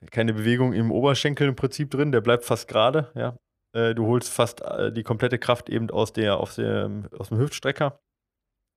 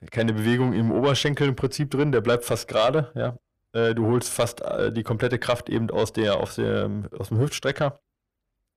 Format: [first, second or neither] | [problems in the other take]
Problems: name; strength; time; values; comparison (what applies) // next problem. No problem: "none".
first | distortion; slight; 10 dB below the speech